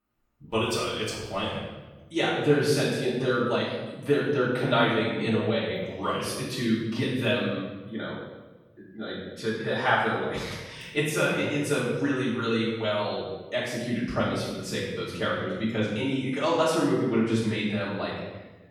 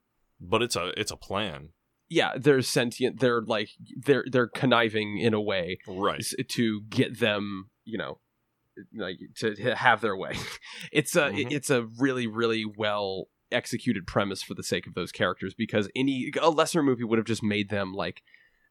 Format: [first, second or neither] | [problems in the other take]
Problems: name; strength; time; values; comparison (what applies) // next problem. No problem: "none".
second | off-mic speech; far // room echo; noticeable; dies away in 1 s